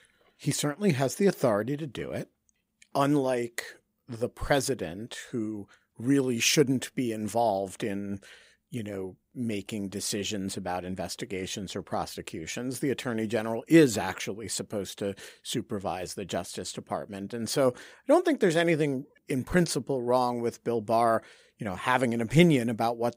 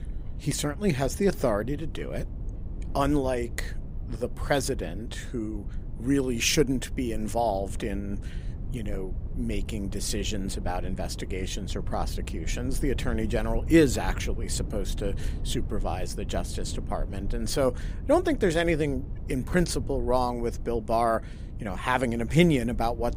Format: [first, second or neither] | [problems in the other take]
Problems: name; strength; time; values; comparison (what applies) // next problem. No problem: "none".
first | low rumble; faint; throughout; 20 dB below the speech